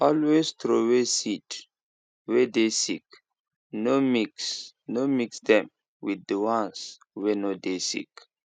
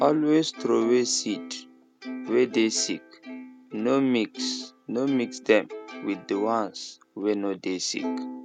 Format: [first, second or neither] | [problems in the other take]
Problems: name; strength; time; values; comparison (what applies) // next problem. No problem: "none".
first | background sound (Plucked string instrument); 13 dB below the speech